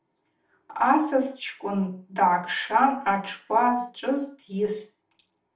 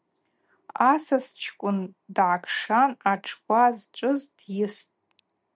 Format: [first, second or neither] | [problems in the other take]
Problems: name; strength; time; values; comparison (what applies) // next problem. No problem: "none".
second | room echo; dies away in 0.3 s